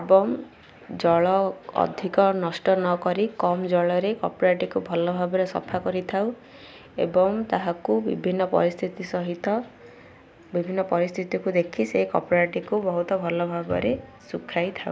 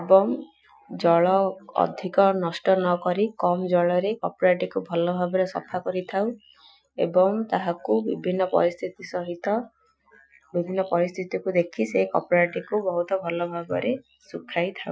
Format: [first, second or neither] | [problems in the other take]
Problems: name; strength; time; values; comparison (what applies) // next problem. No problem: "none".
first | noise reduction (classical method Wiener filter)